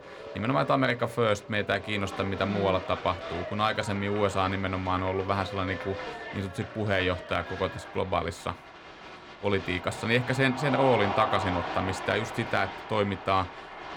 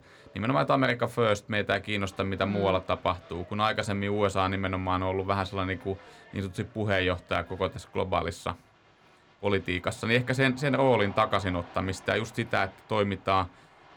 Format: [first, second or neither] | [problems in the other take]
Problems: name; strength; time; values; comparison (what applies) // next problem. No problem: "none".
second | crowd noise; loud; throughout; 9 dB below the speech; faint in the second